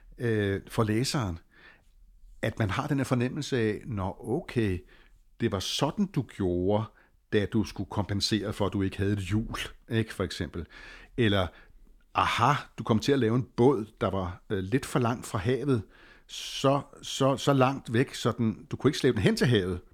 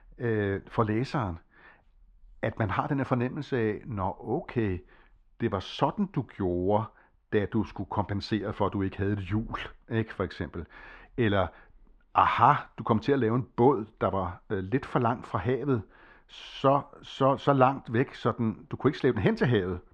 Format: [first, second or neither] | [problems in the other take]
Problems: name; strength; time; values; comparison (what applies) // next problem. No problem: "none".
first | muffled; very; fading above 2.5 kHz